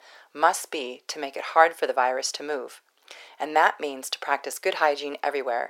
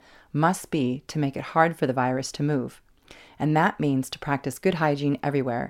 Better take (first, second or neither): second